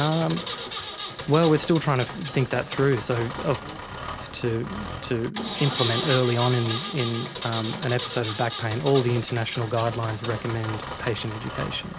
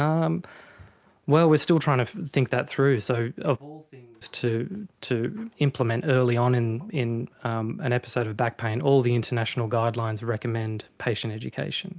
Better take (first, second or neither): second